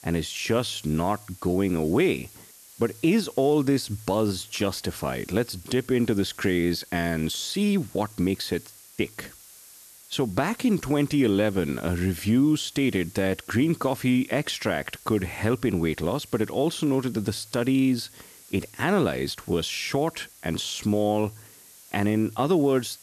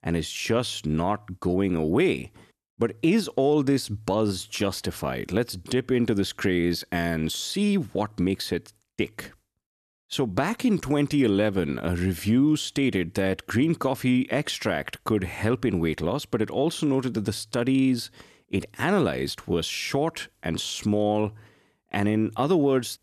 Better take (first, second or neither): second